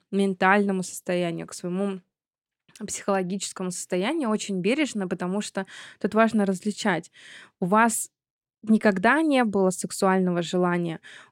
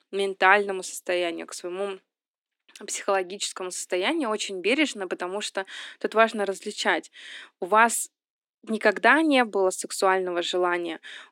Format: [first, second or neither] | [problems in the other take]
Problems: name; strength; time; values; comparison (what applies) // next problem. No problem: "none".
first | thin; somewhat; fading below 250 Hz